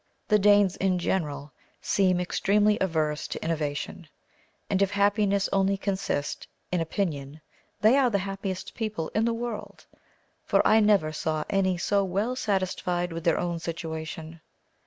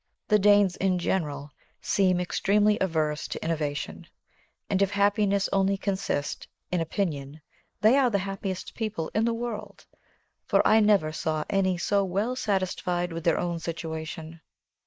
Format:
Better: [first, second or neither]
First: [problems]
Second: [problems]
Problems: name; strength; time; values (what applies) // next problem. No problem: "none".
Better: first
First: none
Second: noise reduction (neural mask model Resemble Enhance denoiser)